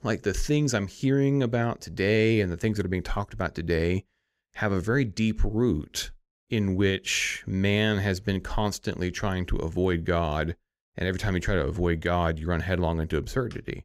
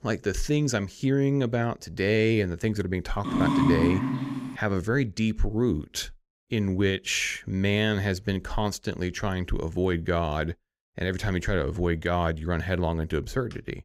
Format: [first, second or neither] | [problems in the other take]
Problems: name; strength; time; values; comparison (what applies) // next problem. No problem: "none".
first | dog barking; loud; from 3.5 to 4.5 s; peak 5 dB above the speech